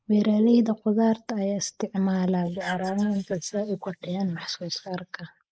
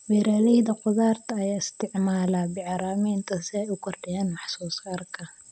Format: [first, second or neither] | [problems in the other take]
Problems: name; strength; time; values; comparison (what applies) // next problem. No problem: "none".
second | noise reduction (neural mask model Resemble Enhance denoiser)